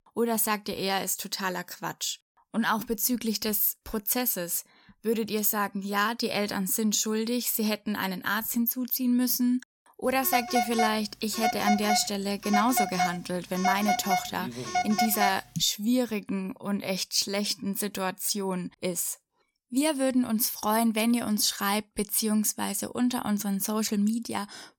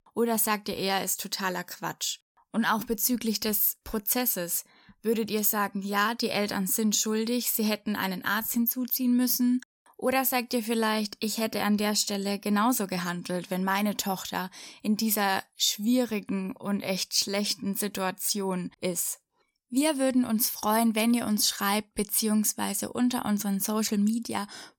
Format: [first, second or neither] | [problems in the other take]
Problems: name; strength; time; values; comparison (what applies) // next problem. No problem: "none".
second | phone ringing; loud; from 10 to 16 s; peak level with the speech